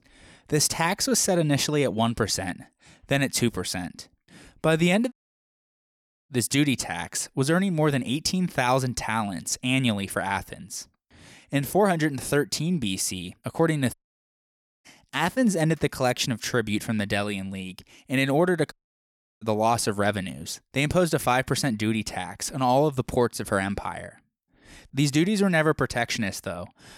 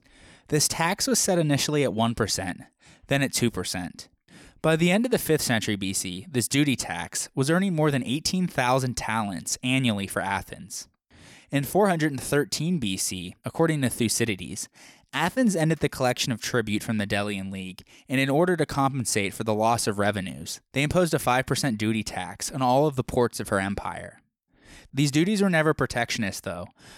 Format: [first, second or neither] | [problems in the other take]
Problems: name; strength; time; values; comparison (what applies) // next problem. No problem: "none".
second | audio cutting out; at 5 s for 1 s, at 14 s for 1 s and at 19 s for 0.5 s